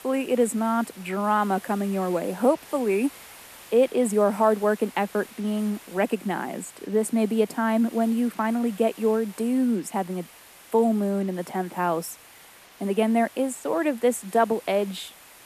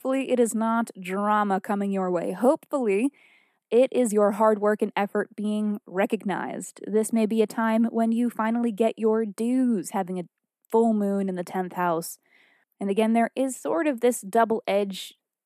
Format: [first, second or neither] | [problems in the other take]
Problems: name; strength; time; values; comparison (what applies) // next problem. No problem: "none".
second | hiss; faint; throughout; 20 dB below the speech